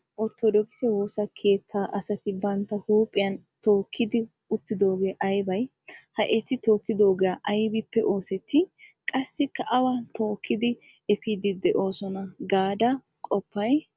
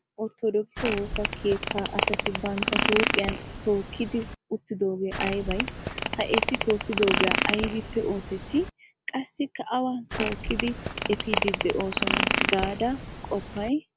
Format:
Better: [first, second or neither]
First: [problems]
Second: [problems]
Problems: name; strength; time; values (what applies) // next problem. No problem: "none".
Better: first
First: none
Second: background sound (Fart); as loud as the speech